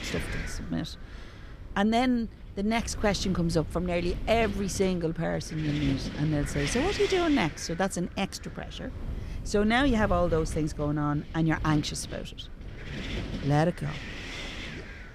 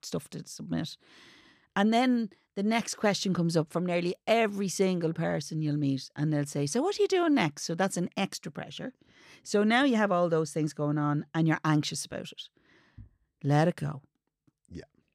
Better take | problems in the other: second | wind noise on the microphone; occasional gusts; 10 dB below the speech

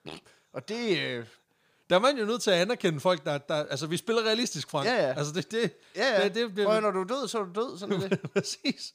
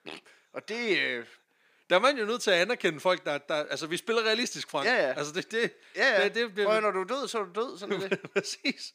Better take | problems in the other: first | thin; very slightly; fading below 300 Hz

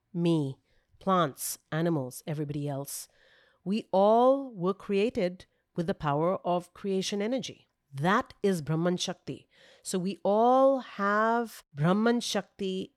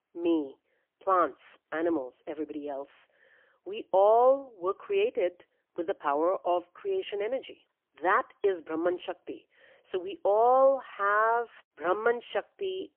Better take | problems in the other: first | phone-call audio; poor line; nothing above 3 kHz

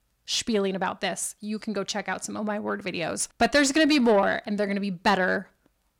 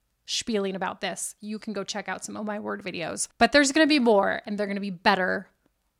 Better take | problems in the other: second | distortion; slight; 10 dB below the speech

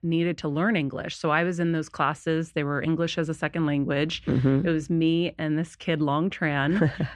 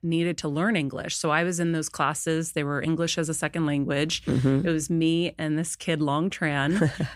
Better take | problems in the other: second | muffled; slightly; fading above 3 kHz

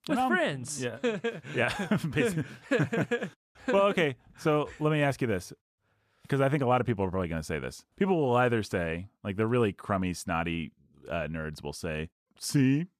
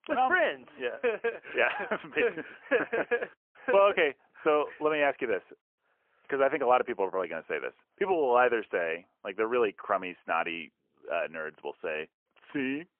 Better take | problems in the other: first | phone-call audio; poor line; nothing above 3 kHz

